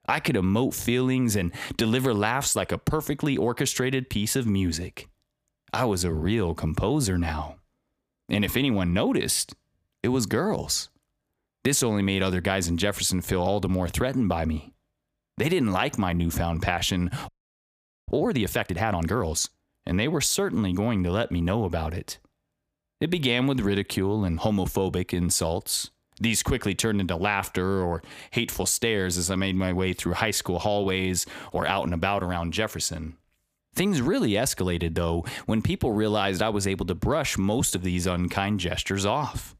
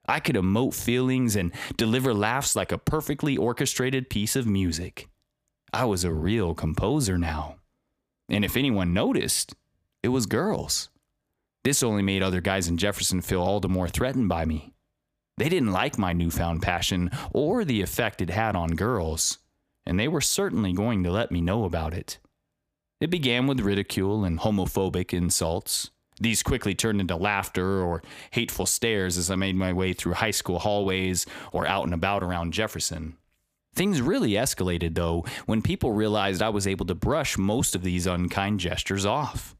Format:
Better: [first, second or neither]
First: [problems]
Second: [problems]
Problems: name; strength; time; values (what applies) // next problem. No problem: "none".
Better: second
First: audio freezing; at 17 s for 1 s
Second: none